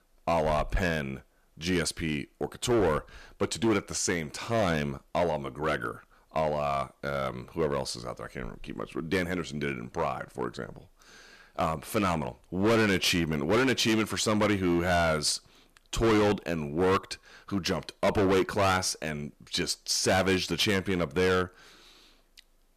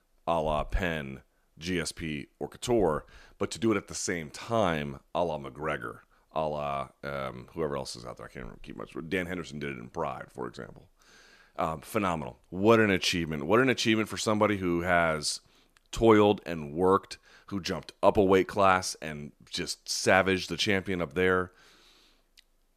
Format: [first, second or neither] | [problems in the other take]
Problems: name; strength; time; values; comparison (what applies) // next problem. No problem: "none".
second | distortion; heavy; 8% of the sound clipped